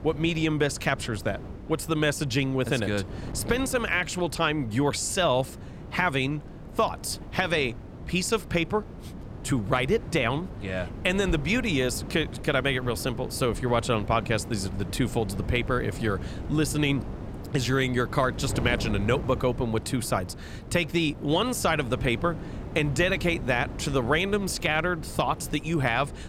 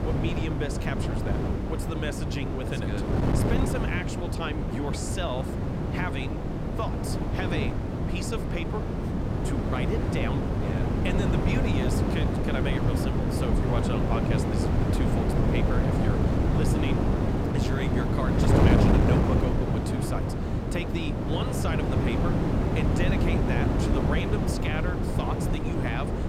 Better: first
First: wind noise on the microphone; occasional gusts; 15 dB below the speech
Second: wind noise on the microphone; heavy; 3 dB above the speech

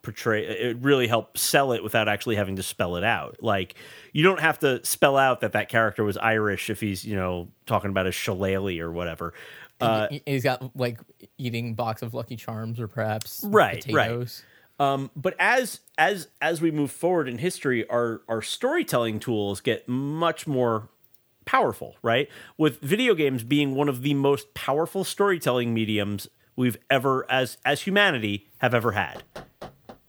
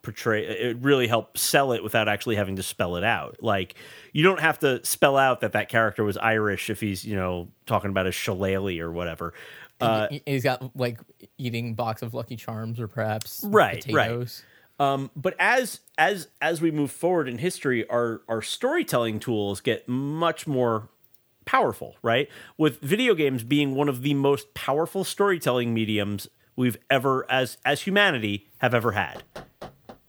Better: neither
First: door banging; faint; at 29 s; peak 15 dB below the speech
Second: door banging; faint; at 29 s; peak 15 dB below the speech

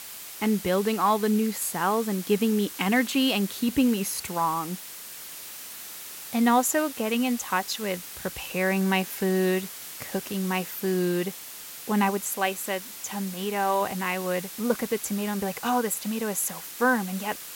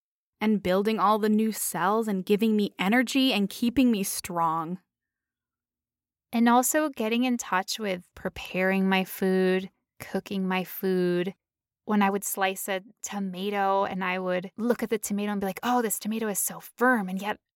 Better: second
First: hiss; noticeable; throughout; 10 dB below the speech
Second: none

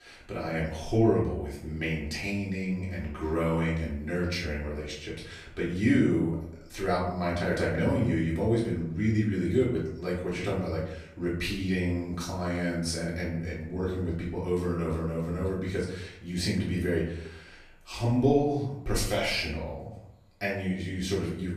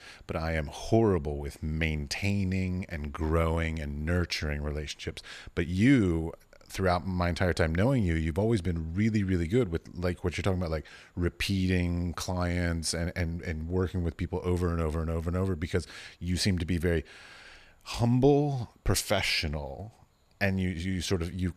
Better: second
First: off-mic speech; far // room echo; noticeable; dies away in 0.6 s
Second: none

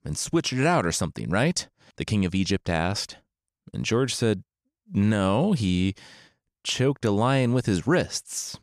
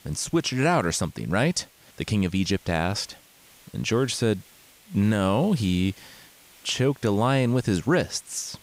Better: first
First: none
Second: hiss; faint; throughout; 25 dB below the speech

